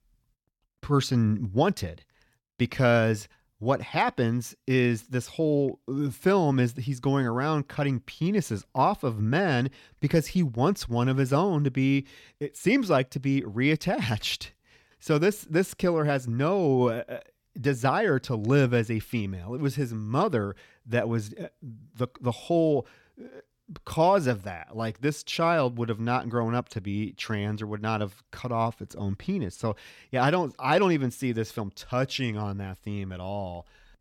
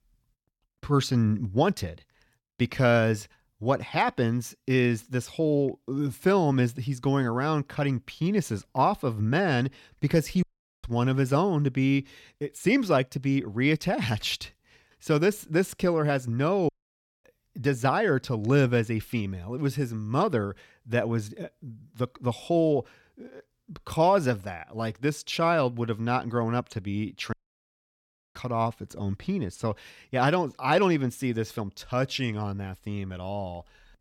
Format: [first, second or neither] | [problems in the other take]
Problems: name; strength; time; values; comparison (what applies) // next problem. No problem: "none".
first | audio cutting out; at 10 s, at 17 s for 0.5 s and at 27 s for 1 s